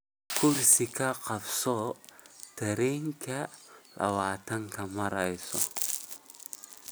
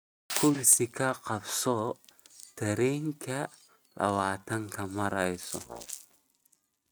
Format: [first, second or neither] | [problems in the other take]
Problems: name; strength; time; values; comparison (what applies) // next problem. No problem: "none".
first | noise reduction (neural mask model RNNoise)